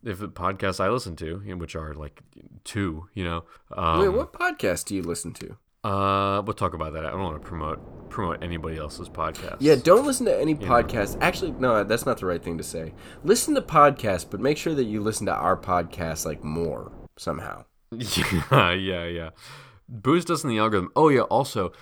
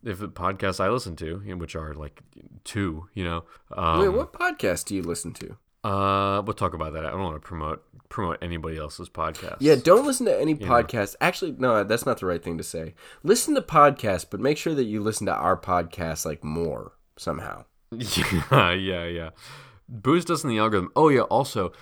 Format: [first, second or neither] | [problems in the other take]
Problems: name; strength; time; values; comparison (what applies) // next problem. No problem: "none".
second | wind noise on the microphone; occasional gusts; from 7 to 17 s; 25 dB below the speech